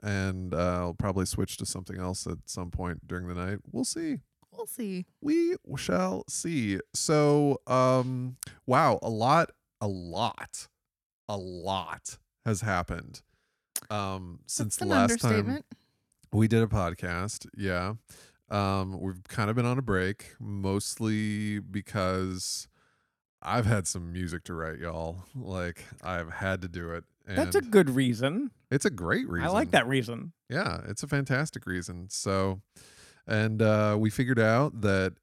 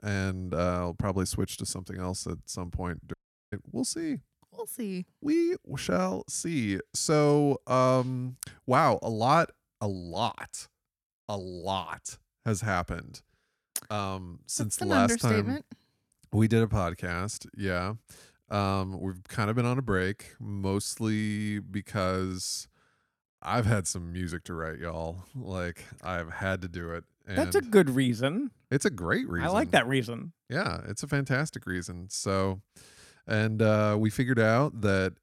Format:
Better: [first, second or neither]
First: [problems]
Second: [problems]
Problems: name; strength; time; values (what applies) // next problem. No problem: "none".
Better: first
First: none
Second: audio cutting out; at 3 s